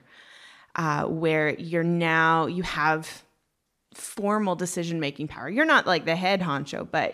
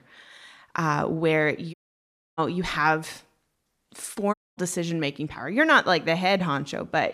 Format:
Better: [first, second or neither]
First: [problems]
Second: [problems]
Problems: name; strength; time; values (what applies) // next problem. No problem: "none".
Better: first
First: none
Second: audio cutting out; at 1.5 s for 0.5 s and at 4.5 s